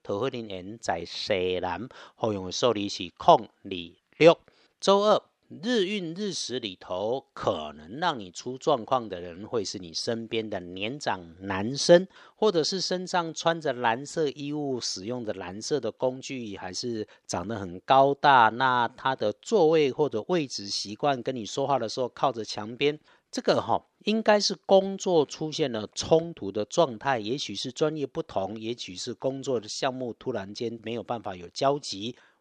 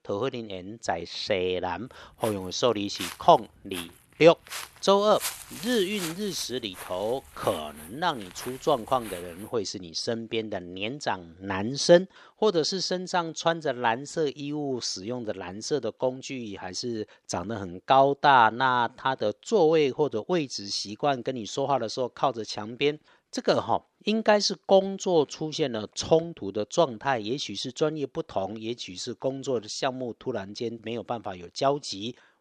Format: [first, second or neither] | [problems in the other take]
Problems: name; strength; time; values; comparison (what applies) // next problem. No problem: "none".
first | footsteps; noticeable; from 2 to 9 s; peak 6 dB below the speech